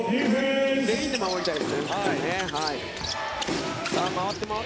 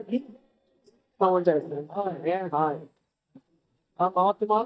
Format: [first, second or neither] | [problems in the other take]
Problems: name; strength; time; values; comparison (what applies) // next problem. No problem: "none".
first | noise reduction (neural mask model DeepFilterNet 3)